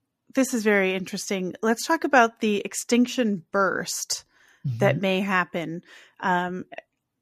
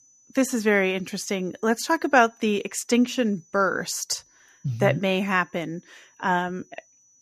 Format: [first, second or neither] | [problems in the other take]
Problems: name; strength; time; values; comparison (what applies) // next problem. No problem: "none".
first | high-pitched whine; faint; throughout; 6 kHz, 30 dB below the speech